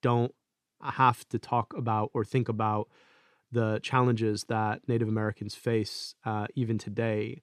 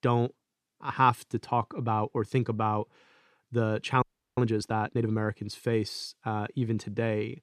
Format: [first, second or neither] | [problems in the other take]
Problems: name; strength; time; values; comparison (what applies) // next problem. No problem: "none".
first | audio freezing; at 4 s